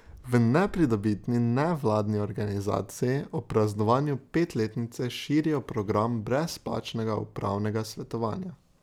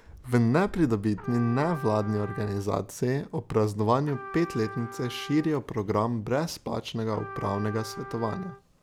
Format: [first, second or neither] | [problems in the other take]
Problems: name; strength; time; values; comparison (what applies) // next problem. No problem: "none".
first | background sound (Trumpet); 15 dB below the speech